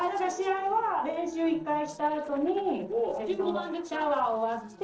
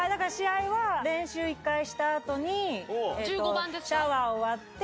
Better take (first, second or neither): second